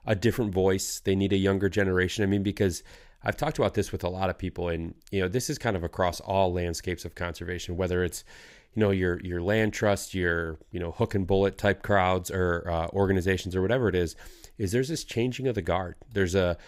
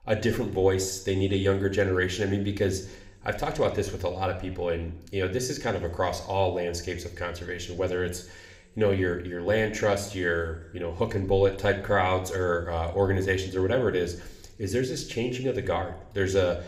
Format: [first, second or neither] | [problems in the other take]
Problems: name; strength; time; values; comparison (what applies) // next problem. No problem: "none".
first | room echo; slight; dies away in 0.6 s